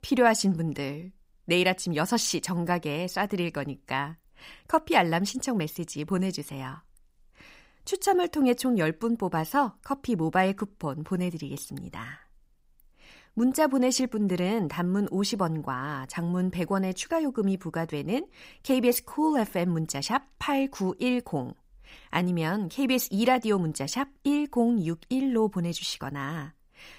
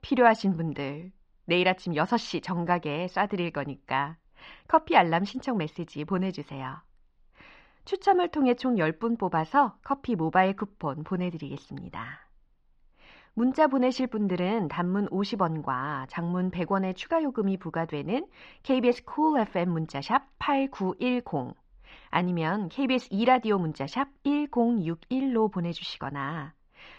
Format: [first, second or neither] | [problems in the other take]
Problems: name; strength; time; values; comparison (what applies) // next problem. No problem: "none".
first | muffled; slightly; fading above 4 kHz